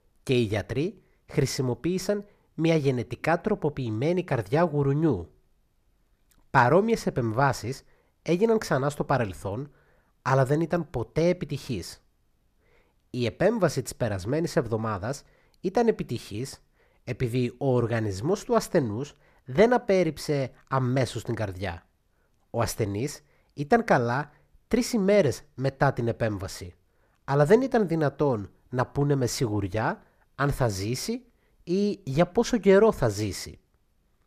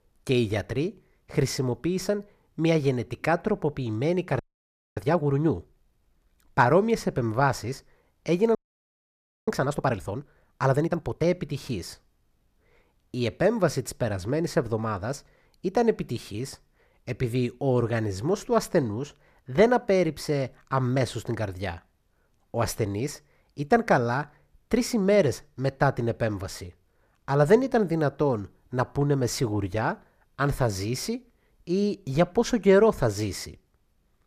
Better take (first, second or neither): first